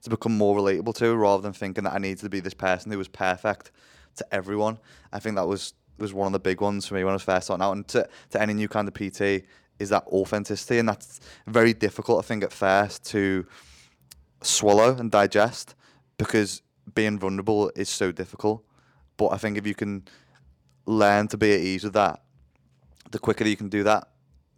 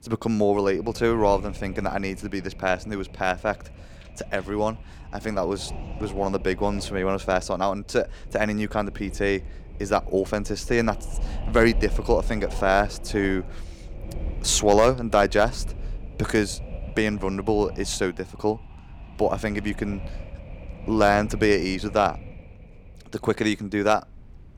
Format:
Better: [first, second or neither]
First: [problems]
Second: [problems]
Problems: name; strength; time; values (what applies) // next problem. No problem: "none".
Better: first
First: none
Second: wind noise on the microphone; occasional gusts; 20 dB below the speech